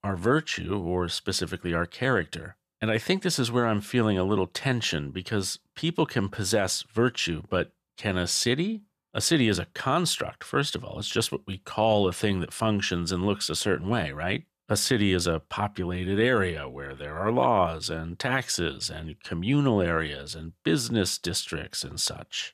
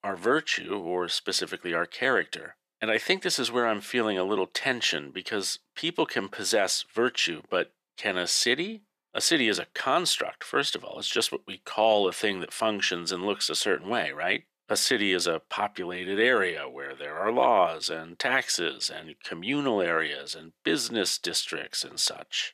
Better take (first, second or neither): first